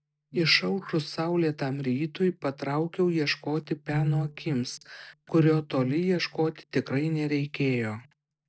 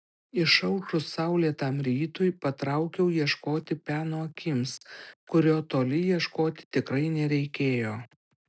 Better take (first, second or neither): second